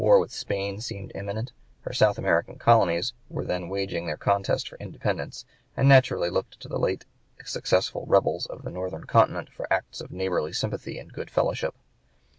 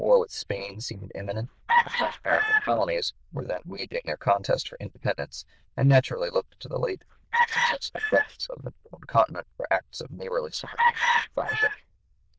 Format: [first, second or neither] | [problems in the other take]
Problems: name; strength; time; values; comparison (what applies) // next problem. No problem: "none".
first | noise reduction (neural diffusion model UNIVERSE++)